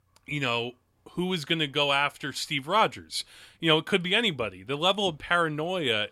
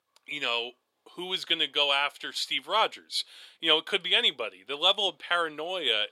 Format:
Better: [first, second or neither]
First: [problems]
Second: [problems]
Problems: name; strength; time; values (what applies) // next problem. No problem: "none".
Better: first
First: none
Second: thin; somewhat; fading below 450 Hz